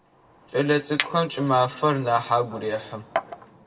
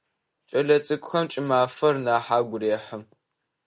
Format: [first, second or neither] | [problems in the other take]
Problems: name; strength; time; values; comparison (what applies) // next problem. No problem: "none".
second | background sound (Chink, clink); 11 dB below the speech // room echo; dies away in 1.6 s